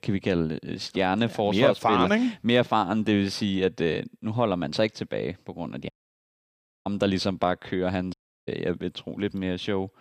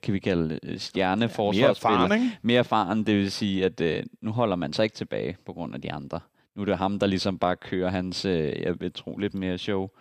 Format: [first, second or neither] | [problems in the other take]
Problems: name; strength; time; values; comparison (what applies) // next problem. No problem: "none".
second | audio cutting out; at 6 s for 1 s and at 8 s